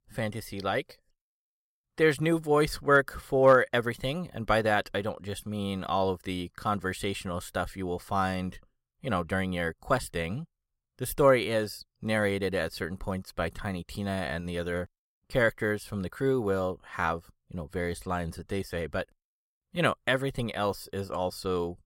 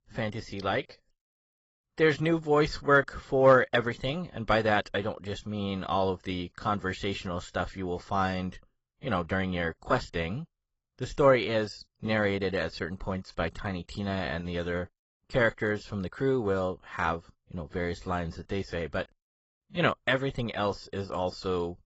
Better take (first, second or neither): first